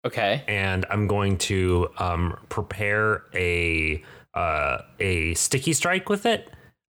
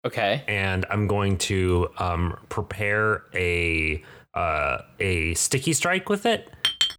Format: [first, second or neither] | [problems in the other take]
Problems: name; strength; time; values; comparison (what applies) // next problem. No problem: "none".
first | clattering dishes; loud; at 6.5 s; peak 2 dB above the speech